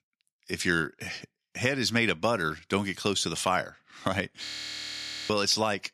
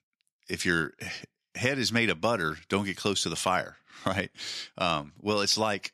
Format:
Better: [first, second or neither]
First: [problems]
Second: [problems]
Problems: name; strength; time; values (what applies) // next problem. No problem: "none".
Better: second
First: audio freezing; at 4.5 s for 1 s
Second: none